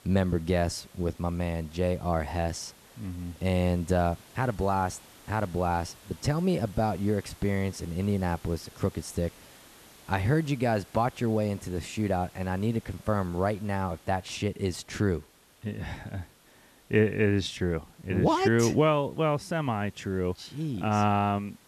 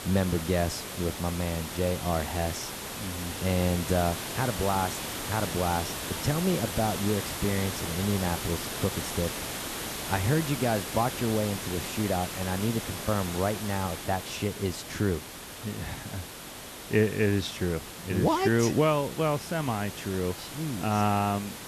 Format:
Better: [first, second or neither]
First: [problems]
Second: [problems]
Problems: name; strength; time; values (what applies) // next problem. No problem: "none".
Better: first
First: hiss; faint; throughout; 25 dB below the speech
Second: hiss; loud; throughout; 6 dB below the speech